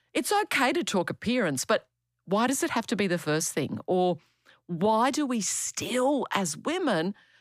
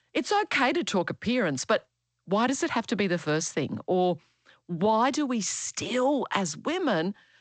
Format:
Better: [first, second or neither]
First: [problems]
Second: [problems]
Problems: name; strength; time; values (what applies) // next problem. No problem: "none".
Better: first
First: none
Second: garbled, watery; slightly; nothing above 8 kHz